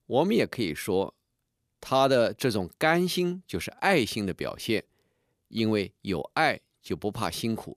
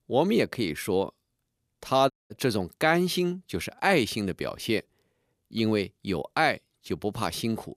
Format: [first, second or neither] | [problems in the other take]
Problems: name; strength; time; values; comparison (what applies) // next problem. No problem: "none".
first | audio cutting out; at 2 s